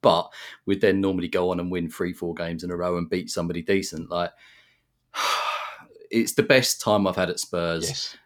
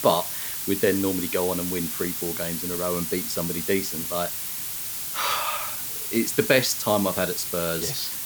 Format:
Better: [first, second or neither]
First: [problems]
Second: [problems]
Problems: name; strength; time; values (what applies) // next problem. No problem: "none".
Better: first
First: none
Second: hiss; loud; throughout; 2 dB below the speech